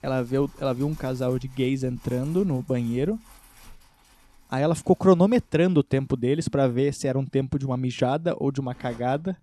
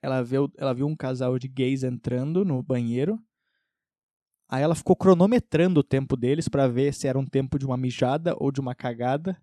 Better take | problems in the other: second | household noises; faint; throughout; 25 dB below the speech

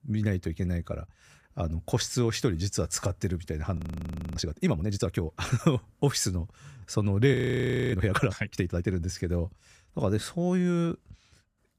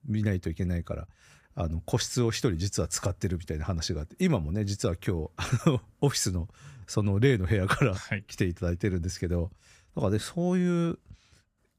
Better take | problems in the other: second | audio freezing; at 4 s for 0.5 s and at 7.5 s for 0.5 s

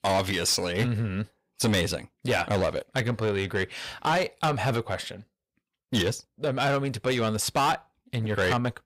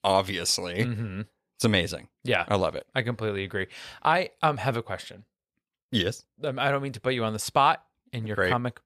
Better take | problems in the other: second | distortion; heavy; 7 dB below the speech

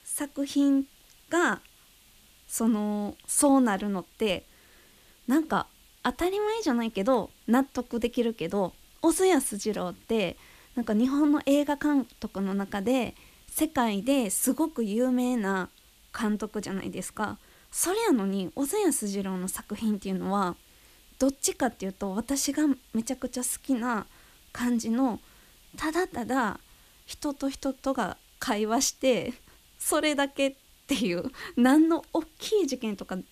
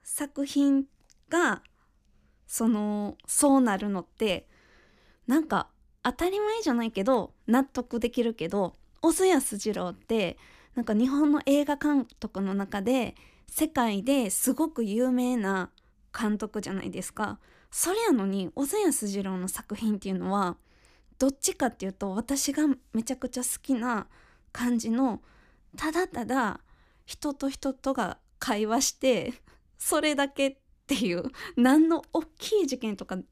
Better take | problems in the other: second | hiss; faint; throughout; 30 dB below the speech

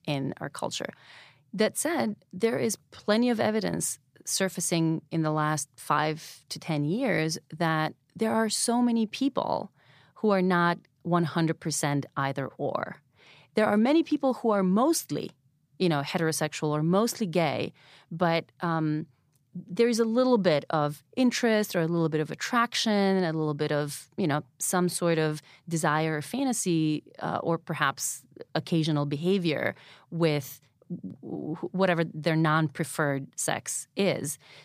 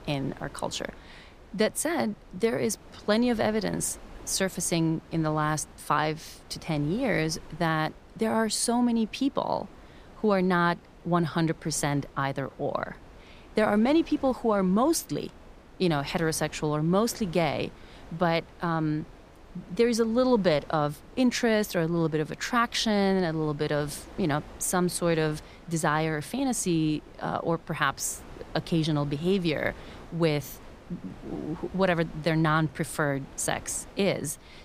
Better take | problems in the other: first | wind noise on the microphone; occasional gusts; 20 dB below the speech

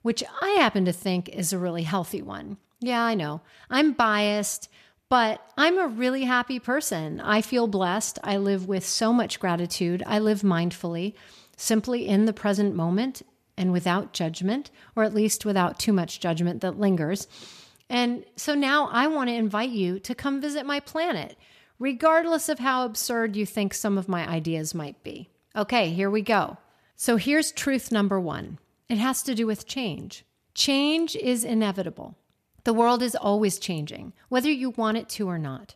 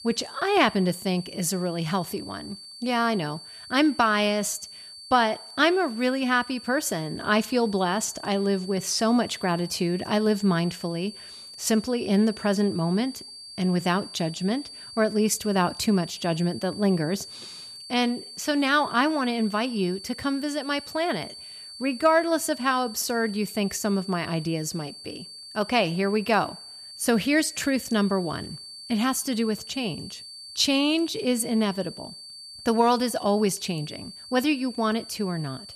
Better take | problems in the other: first | high-pitched whine; noticeable; throughout; 4.5 kHz, 15 dB below the speech

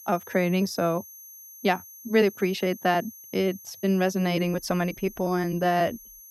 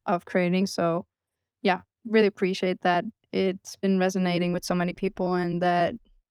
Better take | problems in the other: second | high-pitched whine; noticeable; throughout; 11.5 kHz, 20 dB below the speech

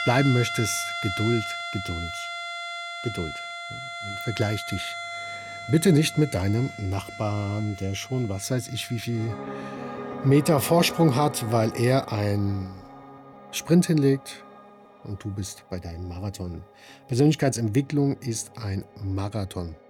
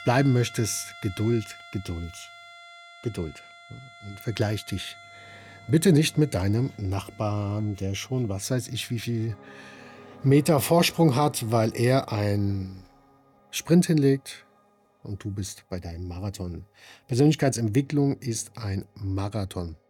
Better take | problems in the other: second | background music; loud; throughout; 9 dB below the speech; faint in the second

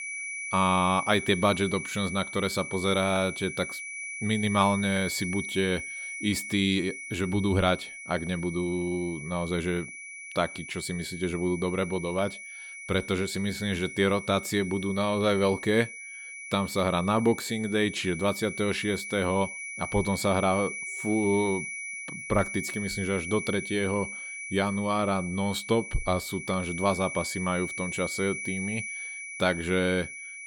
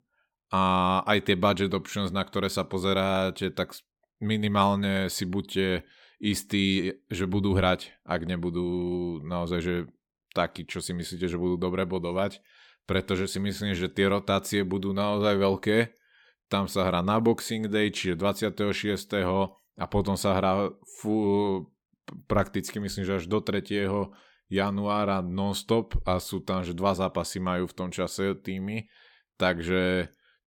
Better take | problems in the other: second | high-pitched whine; loud; throughout; 2.5 kHz, 8 dB below the speech

